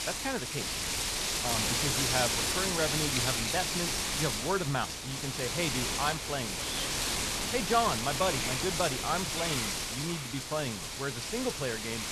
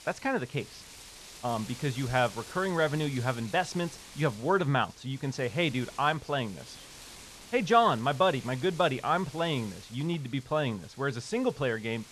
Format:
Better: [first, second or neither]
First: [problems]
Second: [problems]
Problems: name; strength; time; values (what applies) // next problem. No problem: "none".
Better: second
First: wind noise on the microphone; heavy; 2 dB above the speech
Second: wind noise on the microphone; occasional gusts; 20 dB below the speech